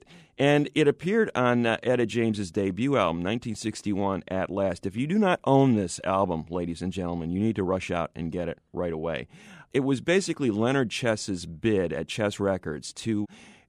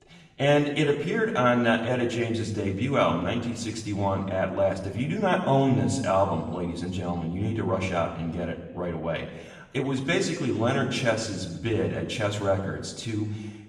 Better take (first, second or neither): first